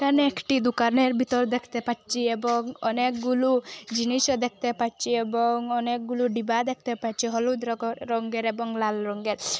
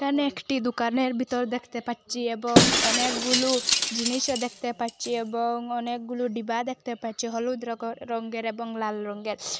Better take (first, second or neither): first